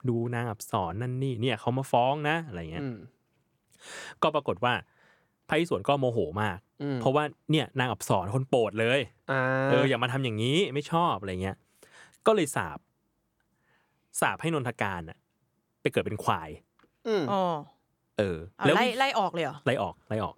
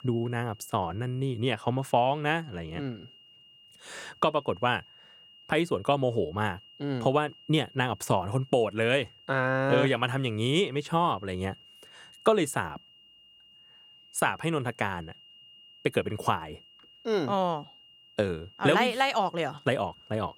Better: first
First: none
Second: high-pitched whine; faint; throughout; 3 kHz, 25 dB below the speech

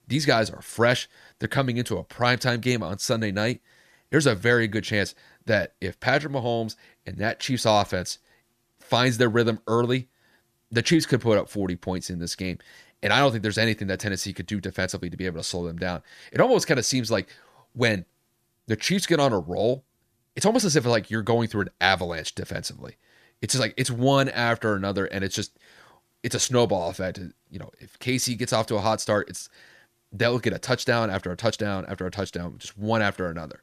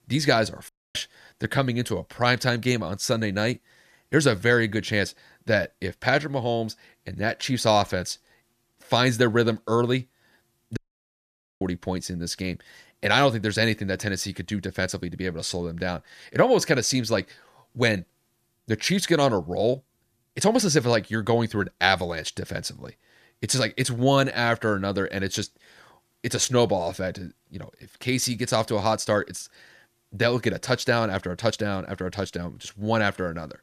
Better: first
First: none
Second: audio cutting out; at 0.5 s and at 11 s for 1 s

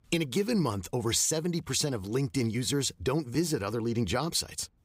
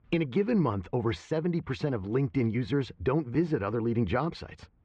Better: first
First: none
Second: muffled; very; fading above 2.5 kHz

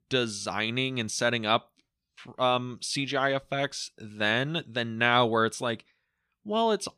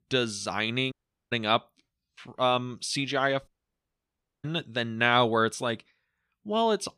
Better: first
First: none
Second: audio cutting out; at 1 s and at 3.5 s for 1 s

